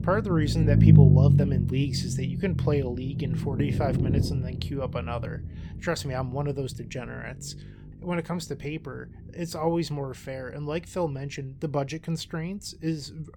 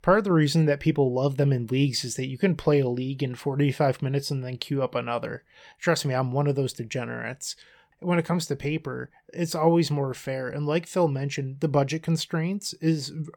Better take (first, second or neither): second